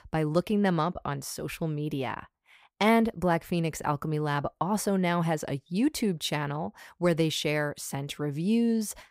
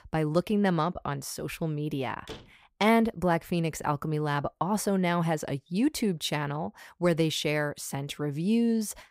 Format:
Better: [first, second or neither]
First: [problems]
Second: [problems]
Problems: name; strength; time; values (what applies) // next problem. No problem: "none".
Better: first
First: none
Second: door banging; faint; at 2.5 s; peak 15 dB below the speech